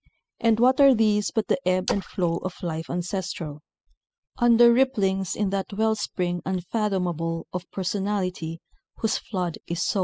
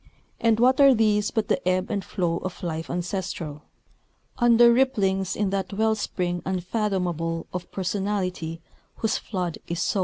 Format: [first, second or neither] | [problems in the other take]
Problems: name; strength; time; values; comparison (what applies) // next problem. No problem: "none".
second | noise reduction (classical method spectral subtraction)